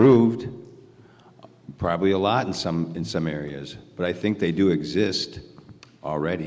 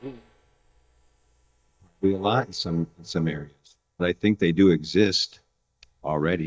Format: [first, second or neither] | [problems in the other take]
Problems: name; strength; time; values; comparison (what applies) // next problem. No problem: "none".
first | noise reduction (neural mask model DeepFilterNet 3)